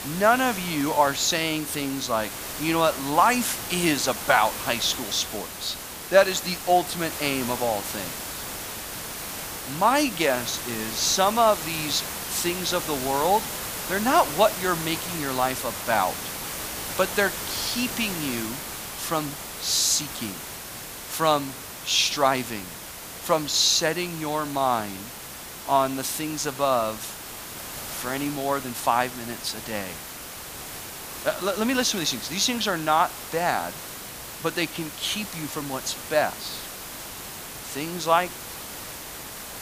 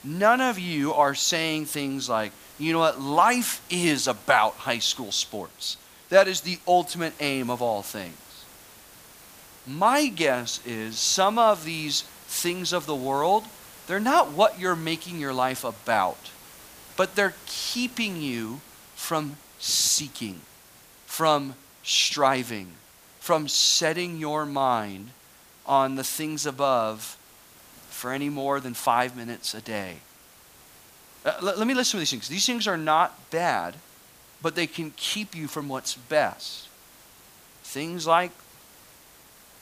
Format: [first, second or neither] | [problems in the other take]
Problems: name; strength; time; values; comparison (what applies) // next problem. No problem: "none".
second | hiss; loud; throughout; 8 dB below the speech; faint in the second